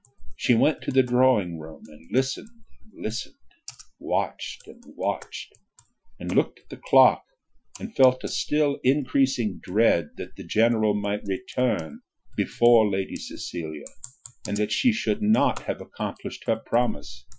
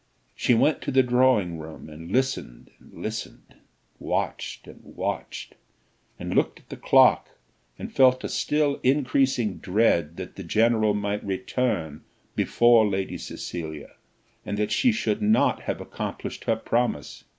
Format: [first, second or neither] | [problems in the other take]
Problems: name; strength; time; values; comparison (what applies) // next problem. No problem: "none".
second | noise reduction (classical method Wiener filter)